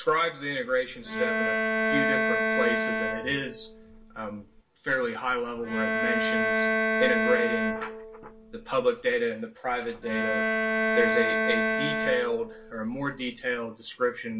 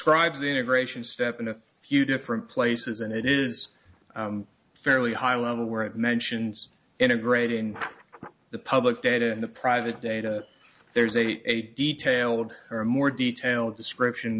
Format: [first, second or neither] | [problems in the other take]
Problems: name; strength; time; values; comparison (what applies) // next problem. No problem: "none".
second | background sound (Bowed string instrument); 2 dB above the speech // room echo; dies away in 0.2 s